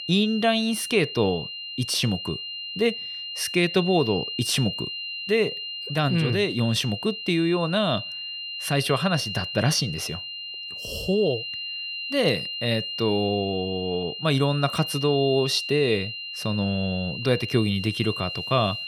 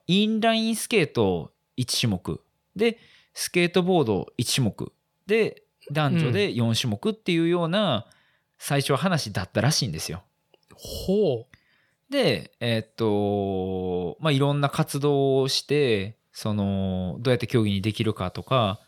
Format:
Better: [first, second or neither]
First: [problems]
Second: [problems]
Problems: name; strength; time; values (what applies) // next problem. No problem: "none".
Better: second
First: high-pitched whine; loud; throughout; 3 kHz, 6 dB below the speech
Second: none